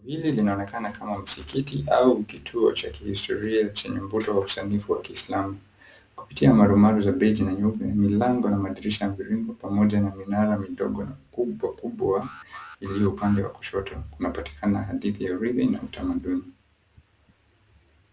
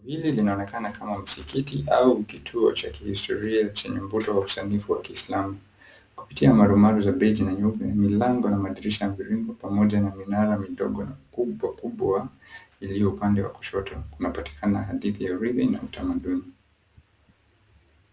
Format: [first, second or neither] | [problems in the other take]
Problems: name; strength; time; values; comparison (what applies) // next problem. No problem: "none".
second | background sound (Alarm); 19 dB below the speech